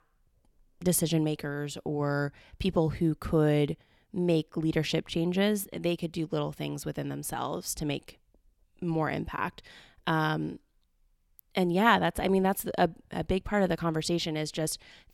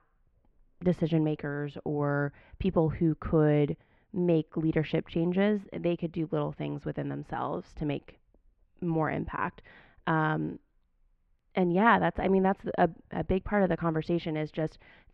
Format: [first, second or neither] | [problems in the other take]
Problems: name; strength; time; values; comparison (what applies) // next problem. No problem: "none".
first | muffled; very; fading above 2 kHz